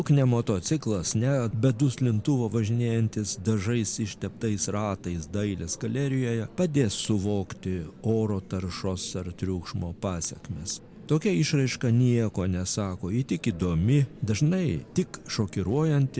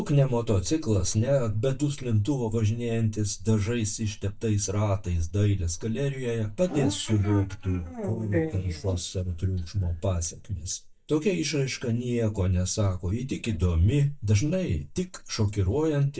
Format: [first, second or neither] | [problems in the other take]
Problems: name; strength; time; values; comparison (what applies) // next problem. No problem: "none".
first | noise reduction (neural mask model DeepFilterNet 3)